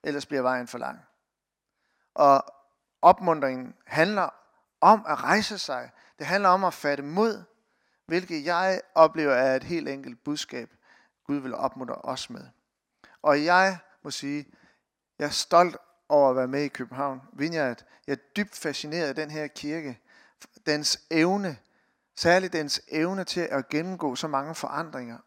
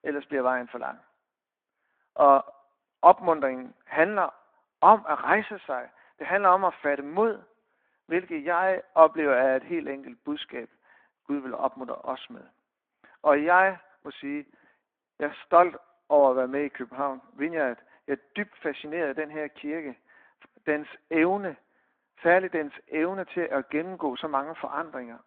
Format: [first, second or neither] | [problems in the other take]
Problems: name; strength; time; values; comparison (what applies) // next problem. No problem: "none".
first | phone-call audio